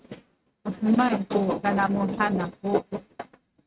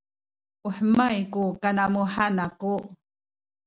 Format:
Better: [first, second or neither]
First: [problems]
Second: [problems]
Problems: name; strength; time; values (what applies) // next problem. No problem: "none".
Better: second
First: noise reduction (neural mask model RNNoise)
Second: none